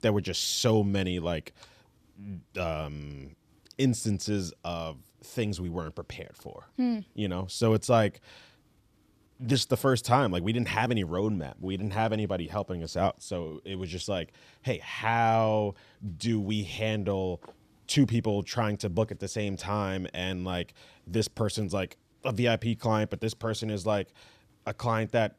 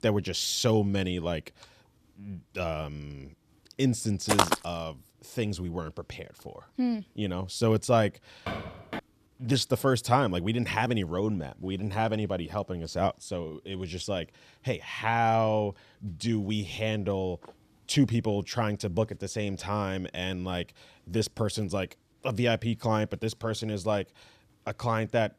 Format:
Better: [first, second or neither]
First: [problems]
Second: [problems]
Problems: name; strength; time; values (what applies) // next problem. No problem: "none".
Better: first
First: none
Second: footsteps; loud; at 4.5 s; peak 5 dB above the speech // footsteps; noticeable; at 8.5 s; peak 7 dB below the speech